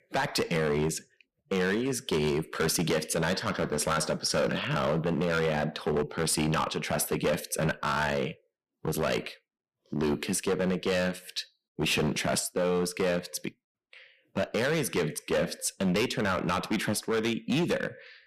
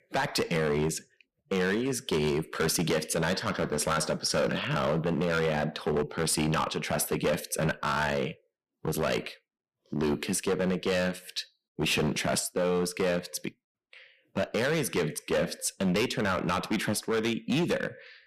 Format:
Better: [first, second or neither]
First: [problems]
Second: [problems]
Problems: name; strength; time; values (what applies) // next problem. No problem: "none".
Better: neither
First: distortion; heavy; 11% of the sound clipped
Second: distortion; heavy; 11% of the sound clipped